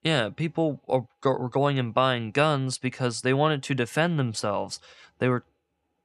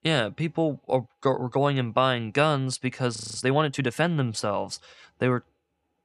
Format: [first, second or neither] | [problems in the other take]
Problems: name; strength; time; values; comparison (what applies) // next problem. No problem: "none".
first | audio freezing; at 3 s